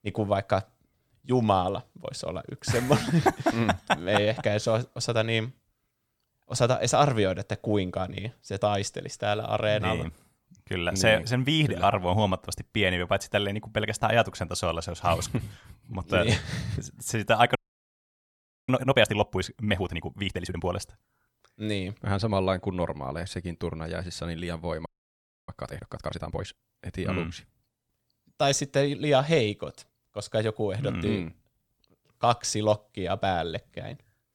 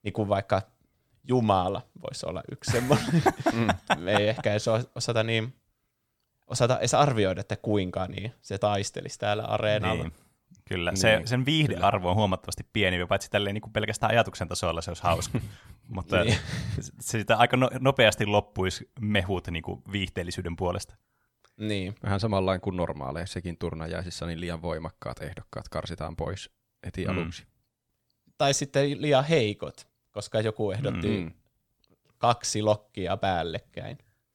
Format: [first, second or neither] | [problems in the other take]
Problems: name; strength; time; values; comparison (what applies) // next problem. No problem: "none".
second | audio freezing; at 18 s for 1 s and at 25 s for 0.5 s